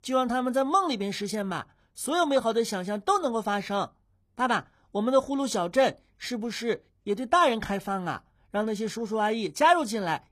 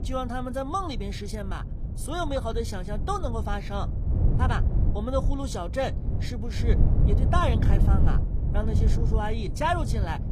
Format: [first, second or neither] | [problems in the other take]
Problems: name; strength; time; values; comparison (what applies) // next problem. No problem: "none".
first | wind noise on the microphone; heavy; 9 dB below the speech